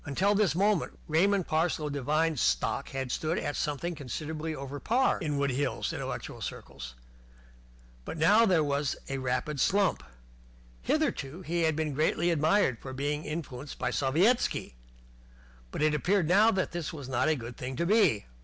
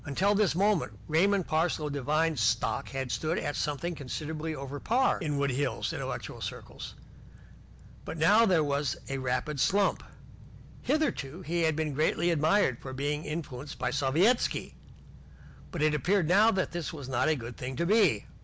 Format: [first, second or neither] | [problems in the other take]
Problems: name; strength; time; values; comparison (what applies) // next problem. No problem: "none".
first | background sound (Train); 20 dB below the speech